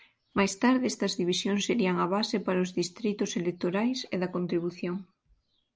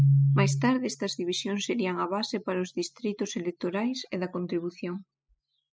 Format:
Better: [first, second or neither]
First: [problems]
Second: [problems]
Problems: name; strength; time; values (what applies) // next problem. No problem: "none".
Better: first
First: none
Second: noise reduction (classical method spectral subtraction)